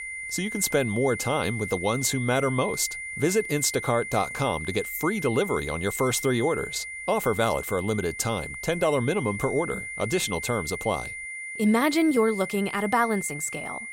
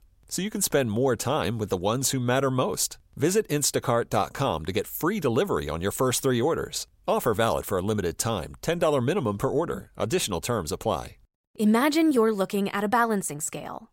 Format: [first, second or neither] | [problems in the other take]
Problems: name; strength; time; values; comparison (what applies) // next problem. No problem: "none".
second | high-pitched whine; loud; throughout; 2 kHz, 8 dB below the speech